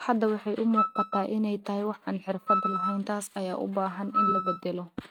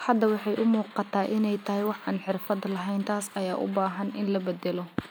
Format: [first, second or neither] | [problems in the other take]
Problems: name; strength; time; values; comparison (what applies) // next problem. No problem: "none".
second | noise reduction (neural mask model RNNoise)